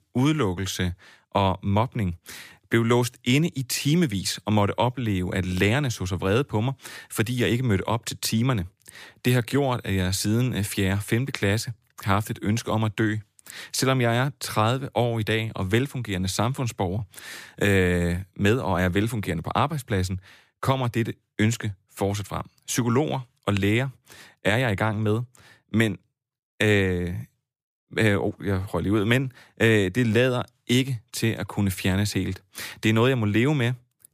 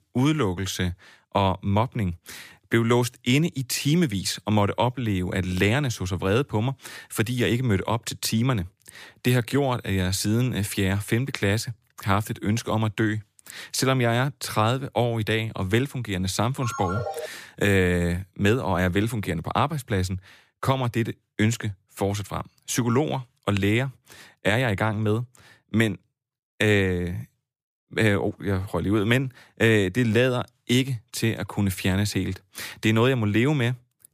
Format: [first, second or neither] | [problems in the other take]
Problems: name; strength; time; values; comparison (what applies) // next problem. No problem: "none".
first | phone ringing; noticeable; at 17 s; peak 6 dB below the speech